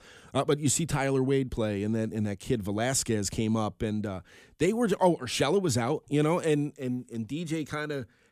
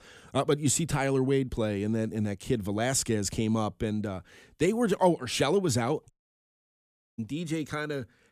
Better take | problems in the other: first | audio cutting out; at 6 s for 1 s

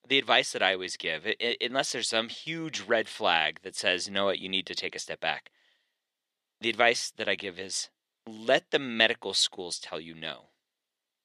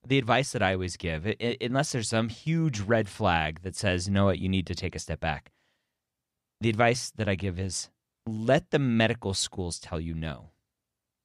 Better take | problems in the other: second | thin; somewhat; fading below 400 Hz

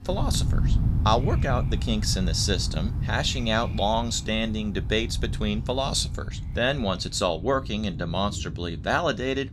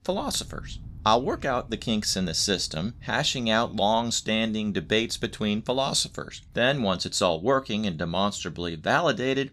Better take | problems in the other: second | rain or running water; loud; throughout; 3 dB below the speech; faint in the second

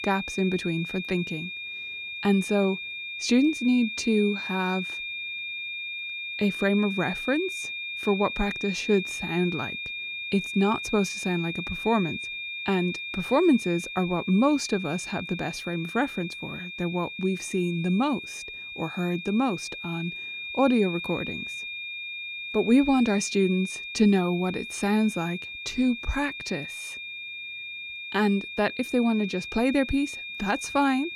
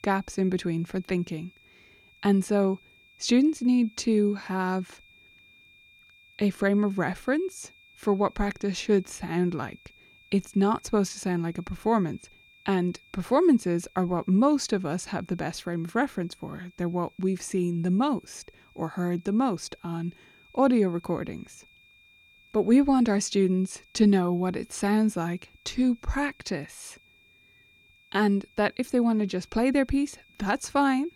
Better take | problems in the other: second | high-pitched whine; loud; throughout; 2.5 kHz, 7 dB below the speech; faint in the second

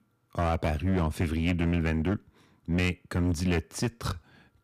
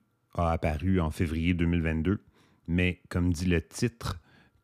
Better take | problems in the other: second | distortion; slight; 7% of the sound clipped

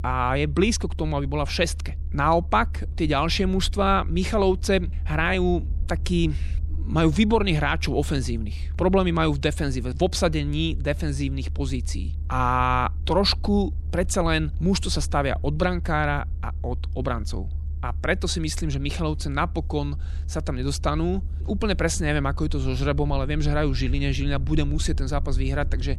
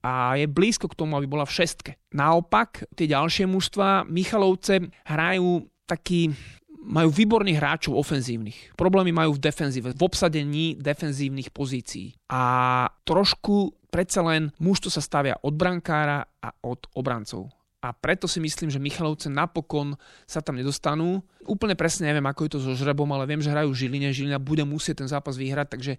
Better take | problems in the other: second | low rumble; faint; throughout; 25 dB below the speech

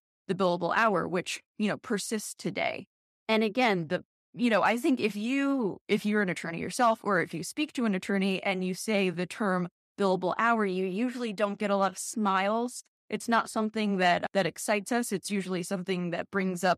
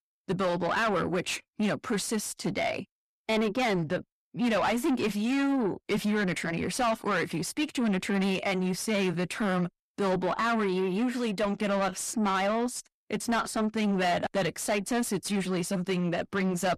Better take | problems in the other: first | distortion; heavy; 7 dB below the speech

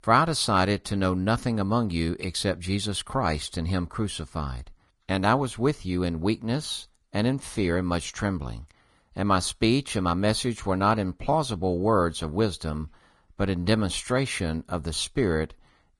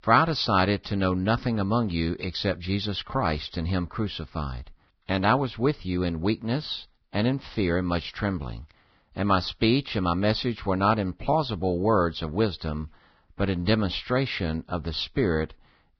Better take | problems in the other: first | garbled, watery; badly; slightly in the first

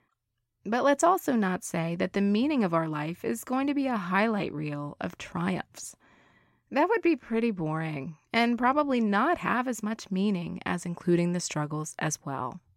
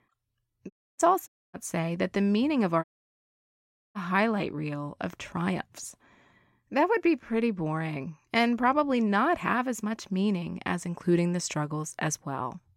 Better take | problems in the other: first | audio cutting out; at 0.5 s, at 1.5 s and at 3 s for 1 s

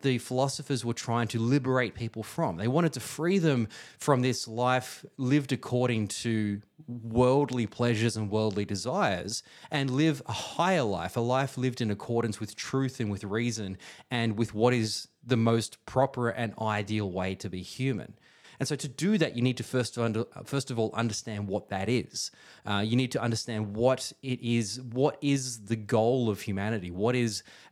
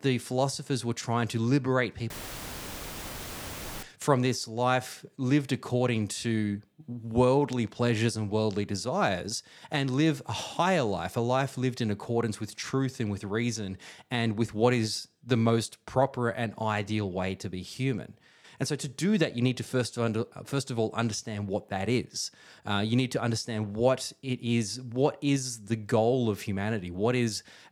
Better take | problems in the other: first | audio cutting out; filled with static; at 2 s for 1.5 s

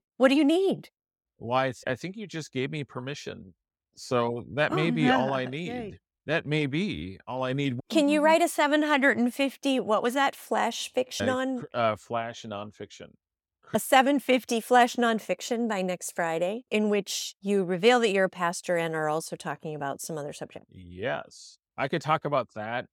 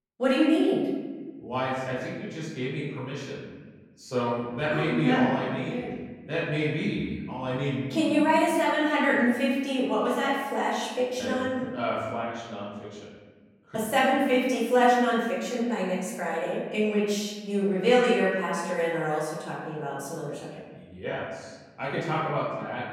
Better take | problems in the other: first | room echo; noticeable; dies away in 1.3 s // off-mic speech; far

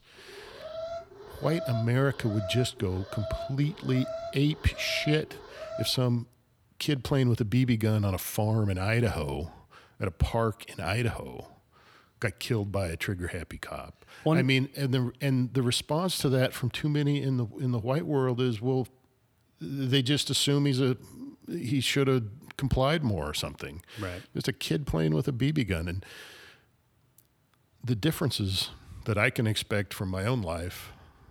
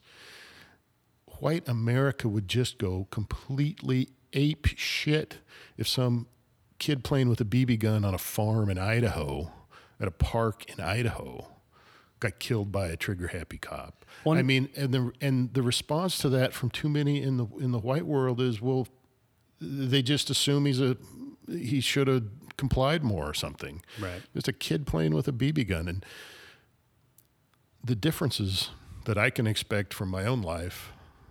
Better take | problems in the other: second | alarm; noticeable; until 6 s; peak 8 dB below the speech

